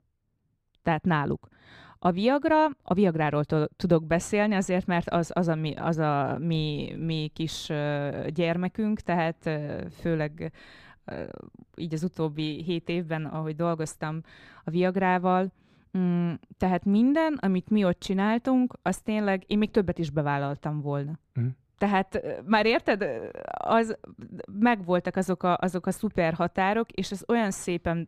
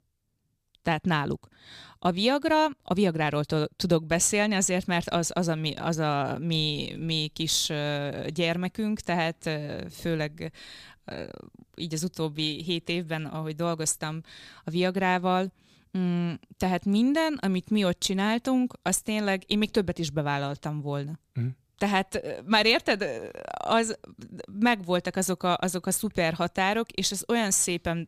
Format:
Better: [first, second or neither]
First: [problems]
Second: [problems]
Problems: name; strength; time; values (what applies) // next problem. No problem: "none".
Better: second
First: muffled; slightly; fading above 3 kHz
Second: none